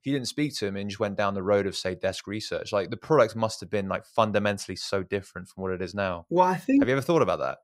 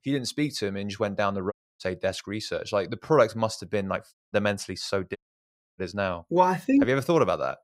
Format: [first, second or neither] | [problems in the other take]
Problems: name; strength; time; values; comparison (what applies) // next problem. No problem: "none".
first | audio cutting out; at 1.5 s, at 4 s and at 5 s for 0.5 s